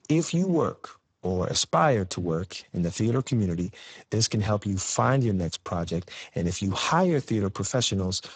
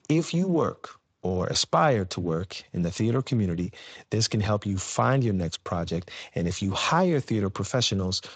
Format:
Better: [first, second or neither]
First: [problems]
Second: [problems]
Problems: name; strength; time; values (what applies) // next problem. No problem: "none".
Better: second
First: garbled, watery; badly; nothing above 7.5 kHz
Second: garbled, watery; slightly; nothing above 7.5 kHz